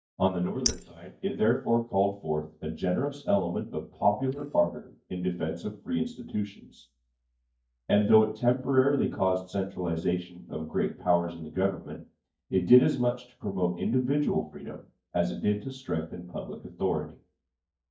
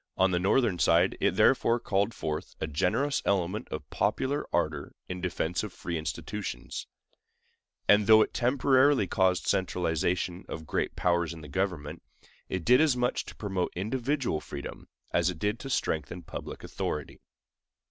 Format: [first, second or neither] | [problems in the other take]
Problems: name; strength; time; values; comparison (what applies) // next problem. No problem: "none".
second | noise reduction (neural mask model DeepFilterNet 3)